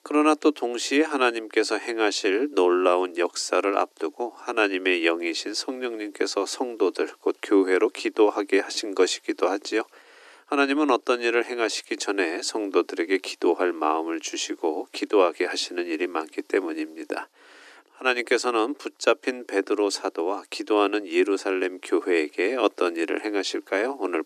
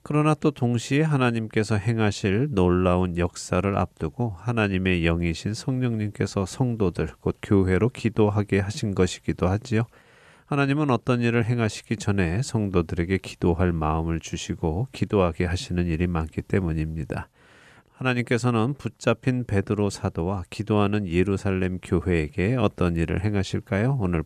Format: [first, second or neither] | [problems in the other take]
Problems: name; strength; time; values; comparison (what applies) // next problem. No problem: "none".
second | thin; somewhat; fading below 300 Hz